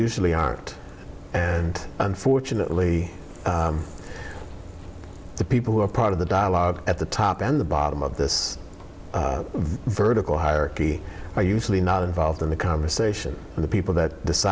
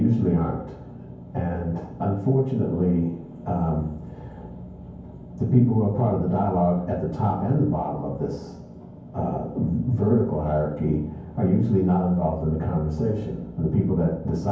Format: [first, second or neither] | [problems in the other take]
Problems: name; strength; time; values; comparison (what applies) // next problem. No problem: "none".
first | room echo; dies away in 0.9 s